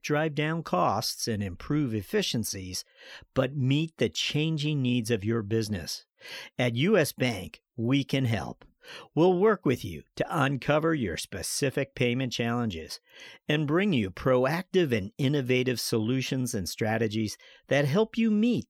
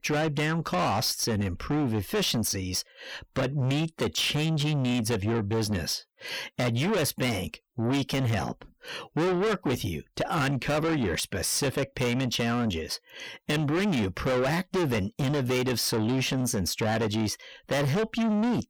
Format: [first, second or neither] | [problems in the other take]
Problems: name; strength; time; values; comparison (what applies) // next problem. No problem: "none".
first | distortion; heavy; 6 dB below the speech